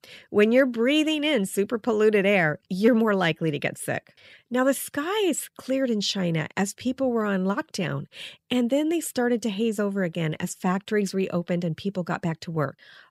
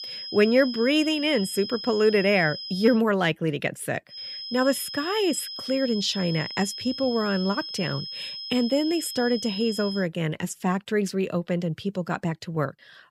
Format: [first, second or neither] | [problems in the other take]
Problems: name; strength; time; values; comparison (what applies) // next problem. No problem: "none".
first | high-pitched whine; loud; until 3 s and from 4 to 10 s; 5 kHz, 8 dB below the speech